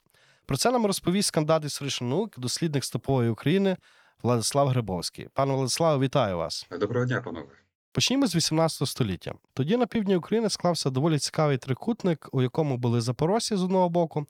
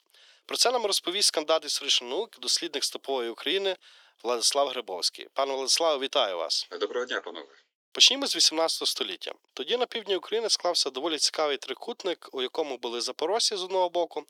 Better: first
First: none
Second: thin; very; fading below 350 Hz

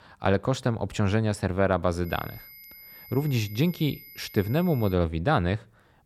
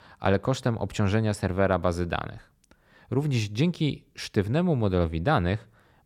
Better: second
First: high-pitched whine; noticeable; from 2 to 5 s; 2 kHz, 20 dB below the speech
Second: none

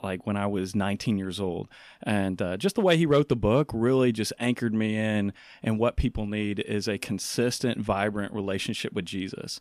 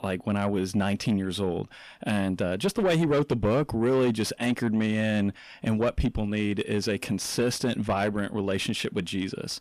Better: first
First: none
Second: distortion; slight; 10 dB below the speech

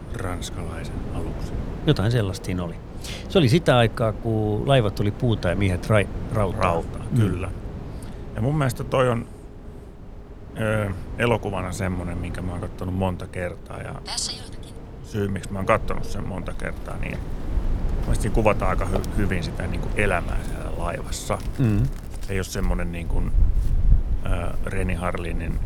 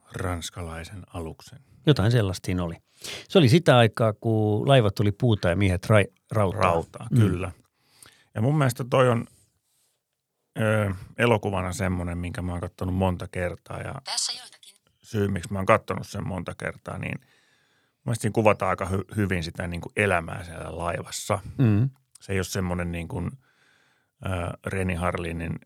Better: second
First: wind in the background; loud; throughout; 8 dB below the speech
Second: none

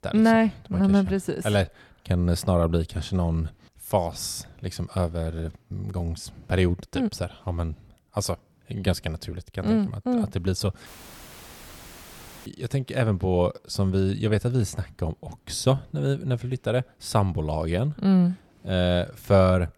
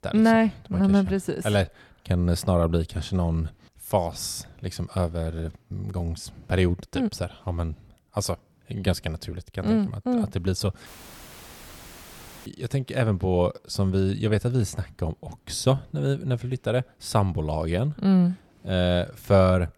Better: neither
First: audio cutting out; filled with static; at 11 s for 1.5 s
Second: audio cutting out; filled with static; at 11 s for 1.5 s

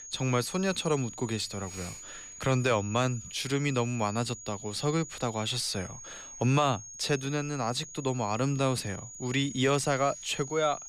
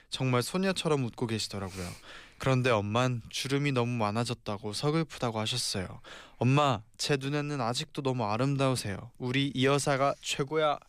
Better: second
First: high-pitched whine; noticeable; throughout; 7 kHz, 15 dB below the speech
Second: none

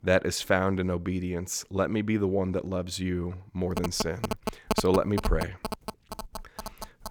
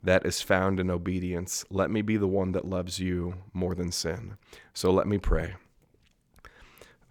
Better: second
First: phone ringing; noticeable; from 4 s on; peak 2 dB below the speech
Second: none

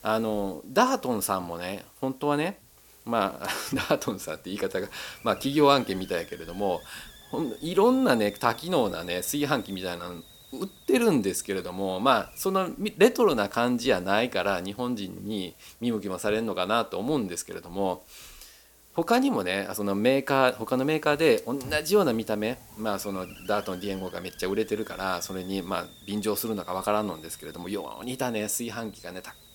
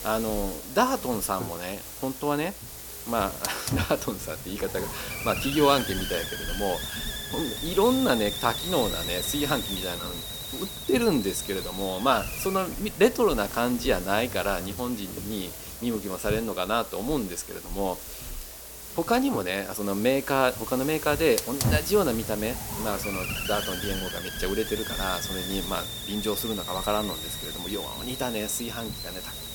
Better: first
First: hiss; faint; throughout; 20 dB below the speech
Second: hiss; loud; throughout; 5 dB below the speech

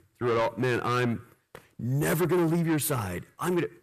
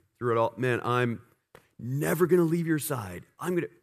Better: second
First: distortion; heavy; 7 dB below the speech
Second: none

